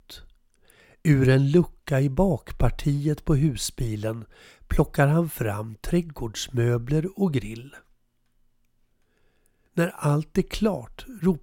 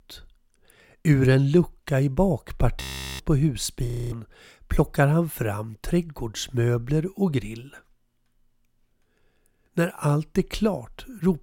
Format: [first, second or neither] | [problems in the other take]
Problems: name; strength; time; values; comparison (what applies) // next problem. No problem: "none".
first | audio freezing; at 3 s and at 4 s